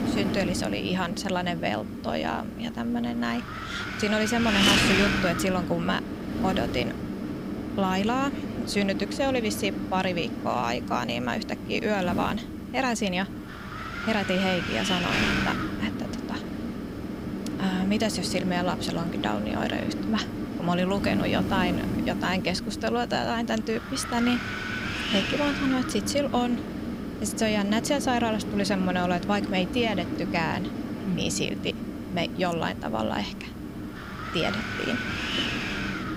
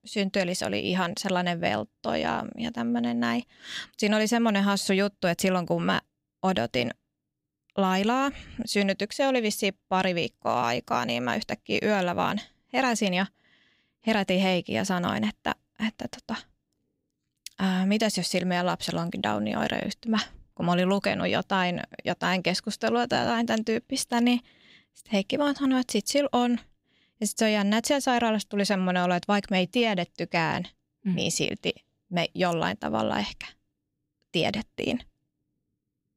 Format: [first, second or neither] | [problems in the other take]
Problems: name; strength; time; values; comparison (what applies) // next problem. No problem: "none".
second | wind noise on the microphone; heavy; 3 dB below the speech